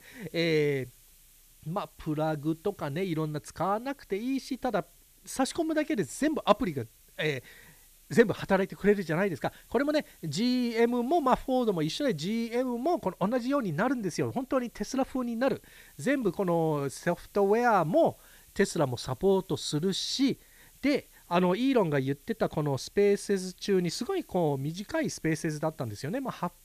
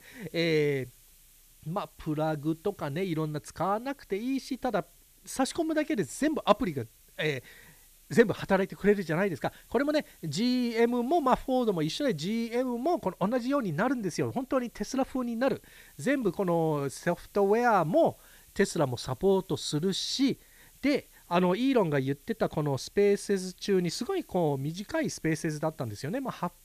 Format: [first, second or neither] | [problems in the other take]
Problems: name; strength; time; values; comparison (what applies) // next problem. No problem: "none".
neither | hiss; faint; throughout; 25 dB below the speech; the same in both